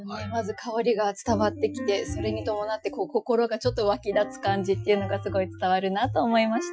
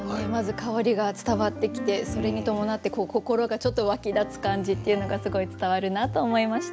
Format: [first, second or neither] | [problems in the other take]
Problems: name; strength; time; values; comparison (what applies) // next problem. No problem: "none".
second | noise reduction (classical method Wiener filter)